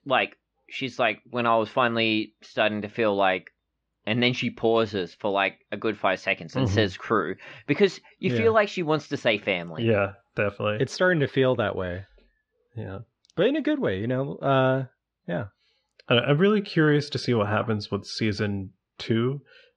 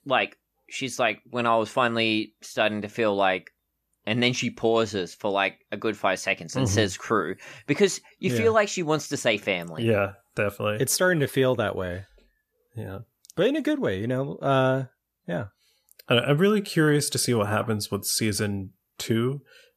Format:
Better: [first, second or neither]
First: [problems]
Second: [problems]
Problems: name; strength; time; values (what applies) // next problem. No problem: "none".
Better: second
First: muffled; very slightly; fading above 4.5 kHz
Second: none